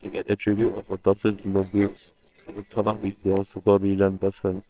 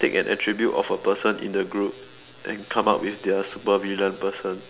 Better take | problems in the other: second | noise reduction (neural separator model SepFormer WHAMR!)

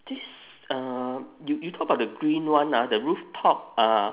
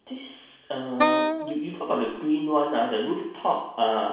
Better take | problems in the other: first | background sound (Wind instrument, woodwind instrument); 1 dB above the speech // room echo; dies away in 0.7 s

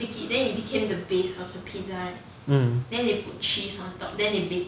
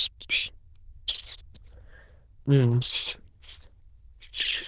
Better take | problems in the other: first | noise reduction (neural diffusion model UNIVERSE++)

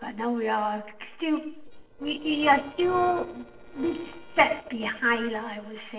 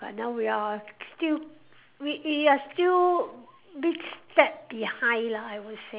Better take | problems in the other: second | noise reduction (neural separator model SepFormer DNS4)

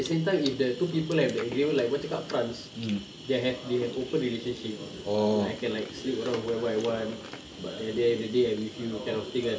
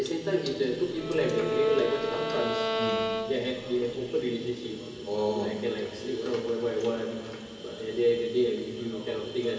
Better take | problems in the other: first | background sound (Bowed string instrument); 2 dB below the speech // room echo; dies away in 2.7 s

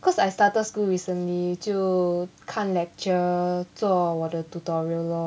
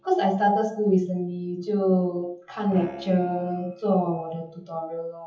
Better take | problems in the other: first | noise reduction (classical method WPE with log-MMSE)

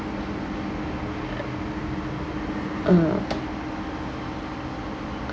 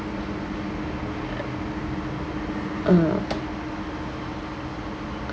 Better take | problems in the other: second | background sound (Brass instrument); 15 dB below the speech

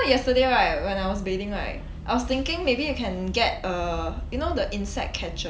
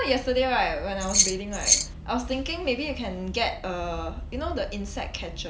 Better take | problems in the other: first | background sound (Keys jangling); 5 dB above the speech

